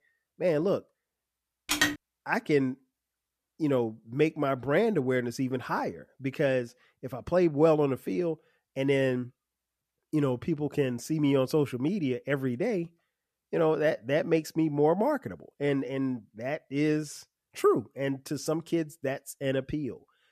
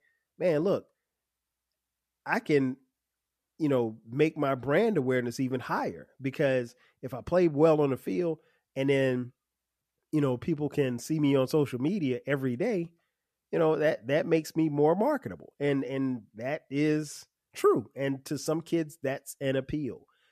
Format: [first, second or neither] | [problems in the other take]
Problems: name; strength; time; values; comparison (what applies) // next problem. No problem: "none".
second | phone ringing; loud; at 1.5 s; peak 2 dB above the speech